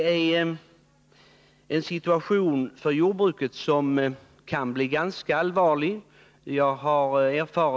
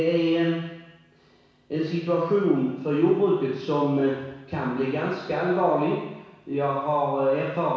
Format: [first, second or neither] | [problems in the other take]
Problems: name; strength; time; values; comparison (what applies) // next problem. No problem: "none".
first | room echo; dies away in 1.1 s